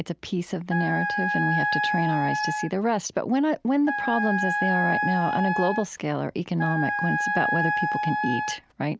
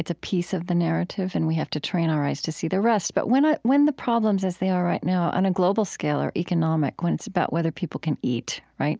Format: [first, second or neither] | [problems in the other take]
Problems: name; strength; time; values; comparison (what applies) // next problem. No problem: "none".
second | background sound (Wind instrument, woodwind instrument); 1 dB below the speech